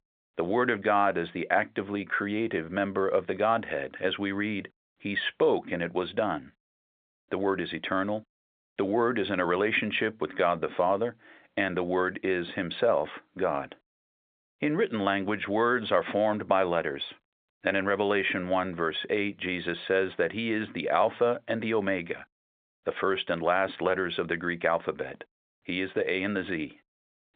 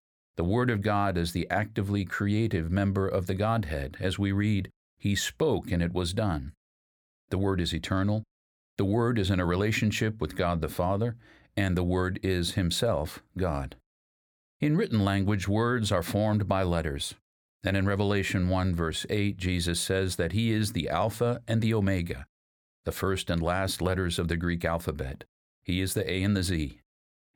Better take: second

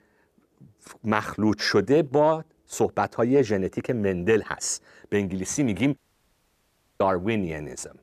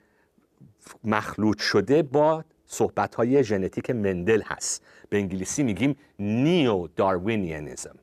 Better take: second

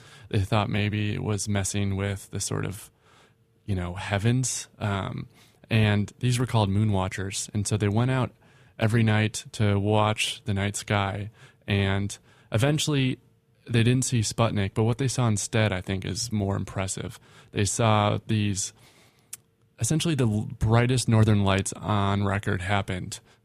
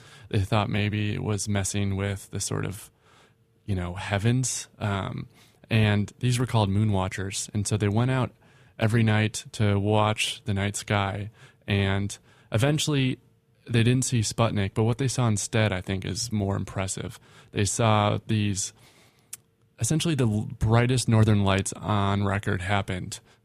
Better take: neither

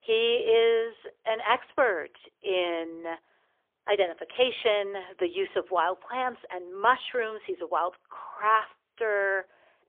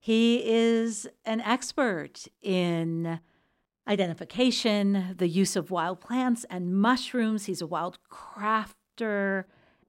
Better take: second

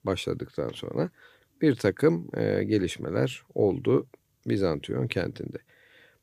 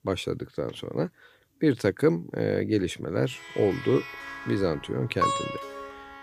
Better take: first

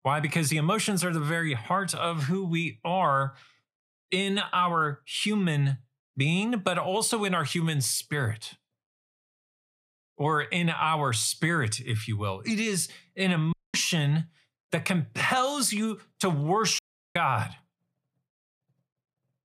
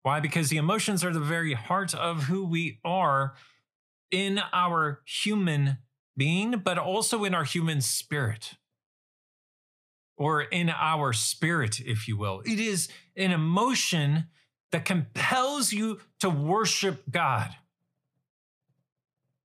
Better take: second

